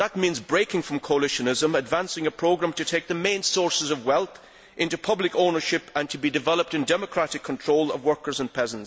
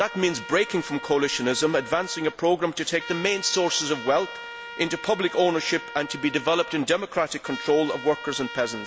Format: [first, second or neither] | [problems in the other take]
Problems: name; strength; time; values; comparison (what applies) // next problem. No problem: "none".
first | background sound (Trumpet); 13 dB below the speech